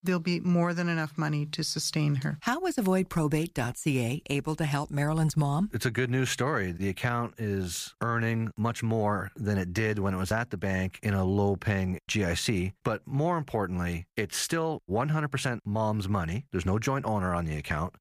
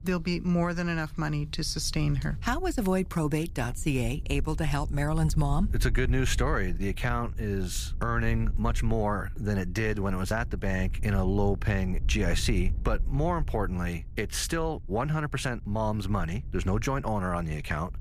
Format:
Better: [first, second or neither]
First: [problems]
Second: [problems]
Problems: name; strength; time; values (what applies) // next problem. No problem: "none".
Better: first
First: none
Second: wind noise on the microphone; occasional gusts; 25 dB below the speech